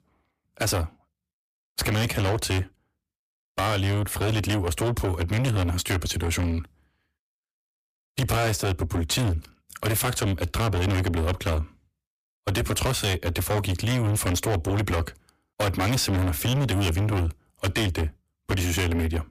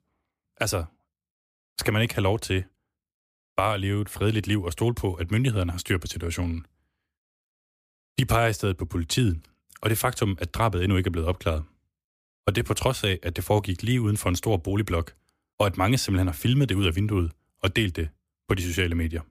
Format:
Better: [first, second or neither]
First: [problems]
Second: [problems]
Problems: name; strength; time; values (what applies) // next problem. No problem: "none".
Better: second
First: distortion; heavy; 5 dB below the speech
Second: none